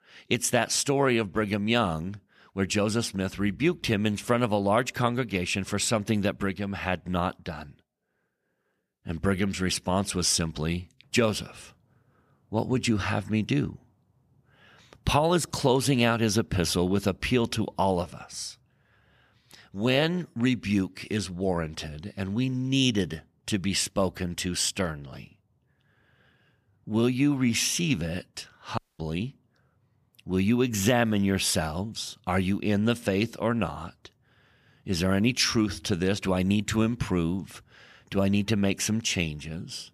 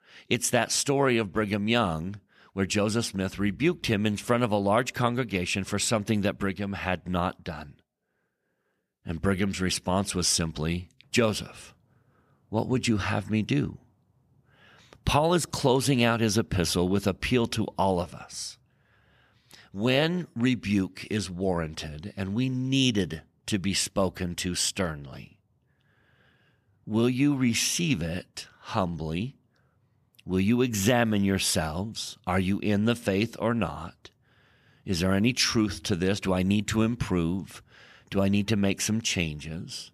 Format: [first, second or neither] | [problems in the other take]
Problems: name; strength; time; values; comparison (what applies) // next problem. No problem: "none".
second | audio cutting out; at 29 s